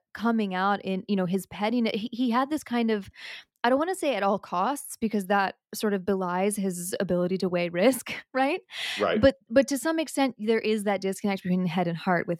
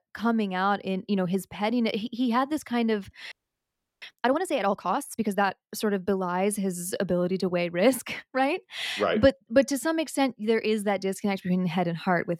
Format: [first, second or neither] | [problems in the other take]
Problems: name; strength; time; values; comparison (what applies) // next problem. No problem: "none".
first | audio freezing; at 3.5 s for 0.5 s